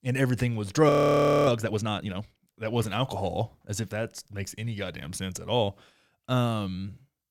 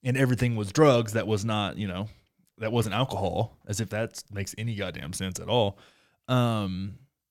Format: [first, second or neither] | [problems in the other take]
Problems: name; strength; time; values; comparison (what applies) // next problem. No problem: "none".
second | audio freezing; at 1 s for 0.5 s